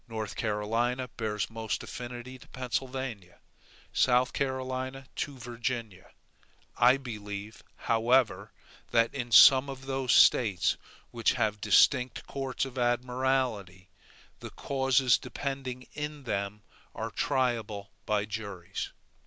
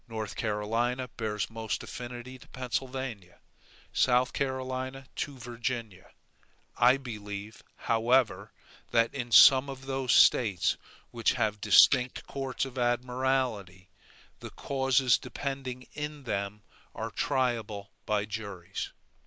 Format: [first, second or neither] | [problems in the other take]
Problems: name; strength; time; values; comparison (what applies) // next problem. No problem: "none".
first | noise reduction (neural mask model Resemble Enhance denoiser)